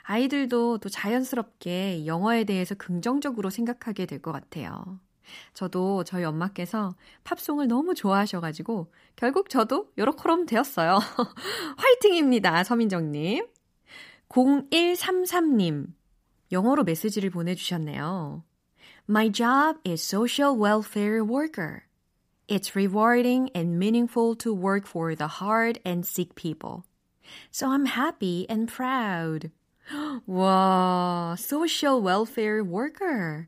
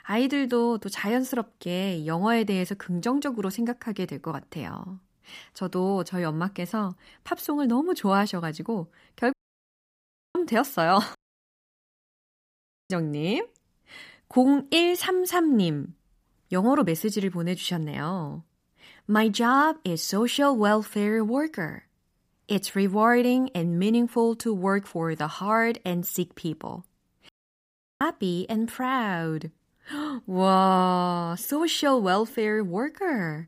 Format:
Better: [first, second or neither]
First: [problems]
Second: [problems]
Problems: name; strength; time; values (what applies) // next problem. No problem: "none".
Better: first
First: none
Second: audio cutting out; at 9.5 s for 1 s, at 11 s for 2 s and at 27 s for 0.5 s